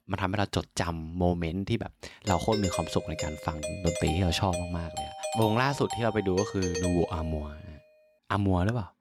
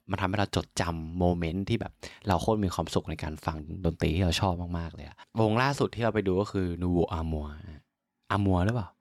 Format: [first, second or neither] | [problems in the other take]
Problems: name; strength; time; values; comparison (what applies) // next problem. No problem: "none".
second | doorbell; noticeable; from 2.5 to 7.5 s; peak 3 dB below the speech